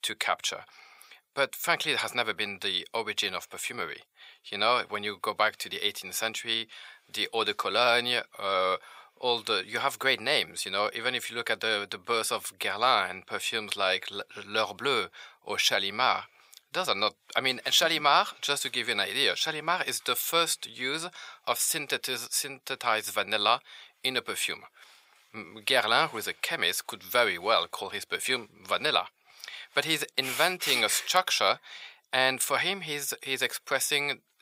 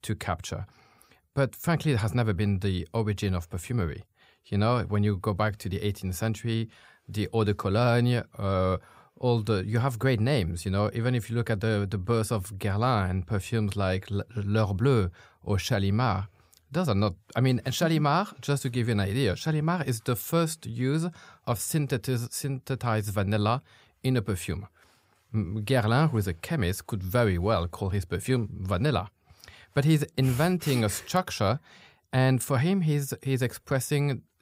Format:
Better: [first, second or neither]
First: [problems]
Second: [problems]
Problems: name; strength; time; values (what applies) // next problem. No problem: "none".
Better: second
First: thin; very; fading below 700 Hz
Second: none